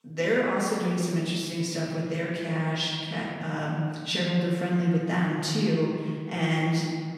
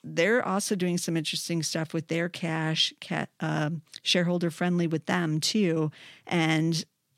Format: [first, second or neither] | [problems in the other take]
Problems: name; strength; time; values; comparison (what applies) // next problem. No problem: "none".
second | off-mic speech; far // room echo; noticeable; dies away in 1.9 s